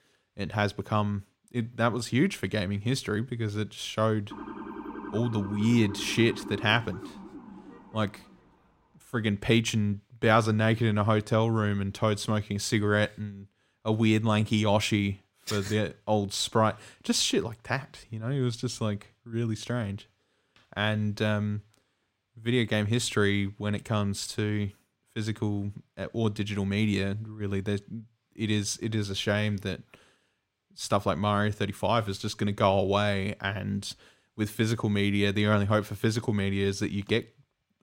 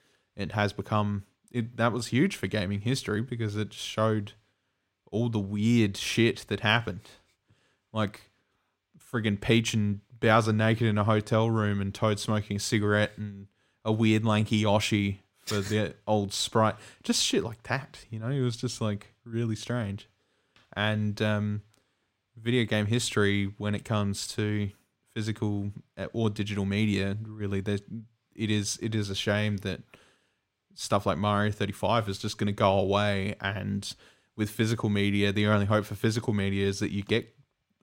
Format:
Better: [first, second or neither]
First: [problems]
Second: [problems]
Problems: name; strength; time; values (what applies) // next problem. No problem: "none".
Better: second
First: siren; faint; from 4.5 to 8.5 s; peak 10 dB below the speech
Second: none